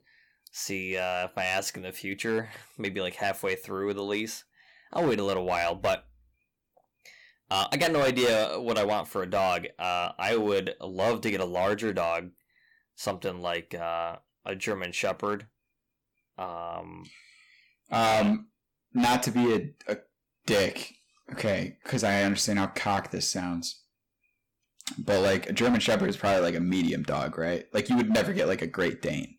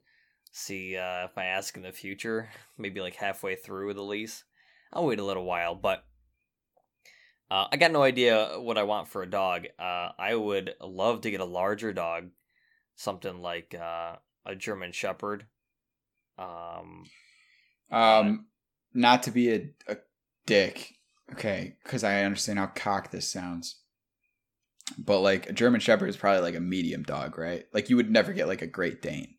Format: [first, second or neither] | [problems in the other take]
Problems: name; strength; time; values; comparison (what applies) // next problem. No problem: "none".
second | distortion; heavy; 7% of the sound clipped